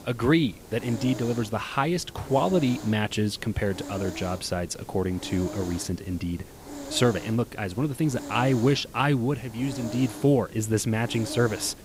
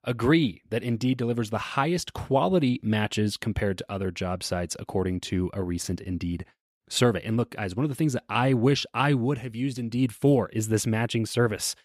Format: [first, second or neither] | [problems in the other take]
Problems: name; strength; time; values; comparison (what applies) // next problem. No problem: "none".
second | hiss; noticeable; throughout; 15 dB below the speech